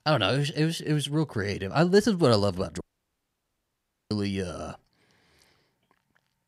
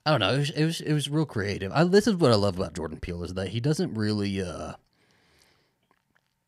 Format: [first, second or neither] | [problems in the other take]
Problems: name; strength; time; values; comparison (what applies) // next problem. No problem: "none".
second | audio cutting out; at 3 s for 1.5 s